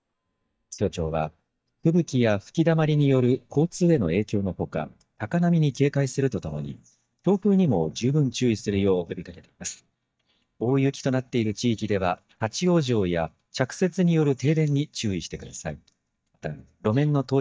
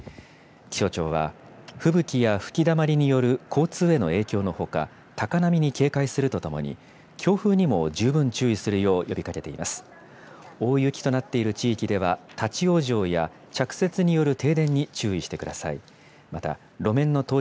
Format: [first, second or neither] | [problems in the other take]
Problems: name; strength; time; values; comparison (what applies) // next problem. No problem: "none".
second | noise reduction (neural mask model DeepFilterNet 3)